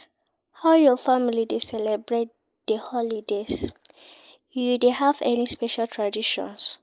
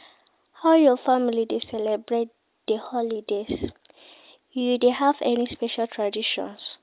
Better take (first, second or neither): second